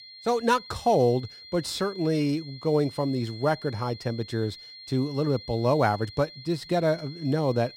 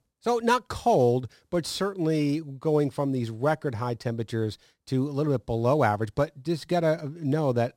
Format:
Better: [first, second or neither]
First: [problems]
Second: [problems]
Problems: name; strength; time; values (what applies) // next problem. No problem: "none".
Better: second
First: high-pitched whine; noticeable; throughout; 4 kHz, 15 dB below the speech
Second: none